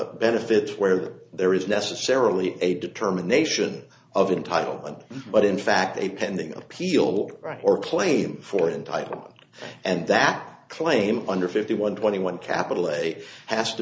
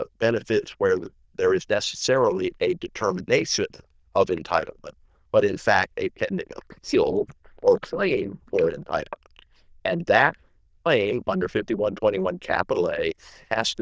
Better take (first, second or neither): first